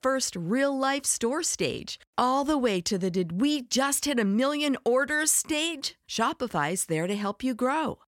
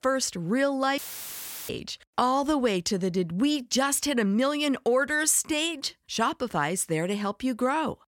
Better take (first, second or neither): first